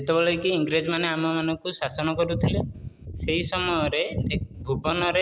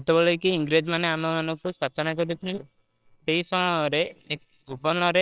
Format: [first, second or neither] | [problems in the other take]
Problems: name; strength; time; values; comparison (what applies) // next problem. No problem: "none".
first | noise reduction (neural separator model SepFormer WHAMR!)